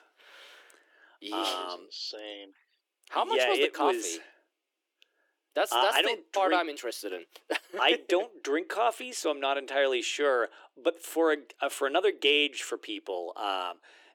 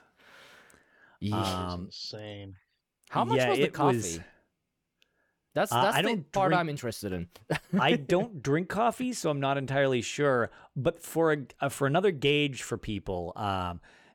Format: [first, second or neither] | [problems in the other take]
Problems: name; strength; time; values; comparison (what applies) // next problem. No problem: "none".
second | thin; somewhat; fading below 300 Hz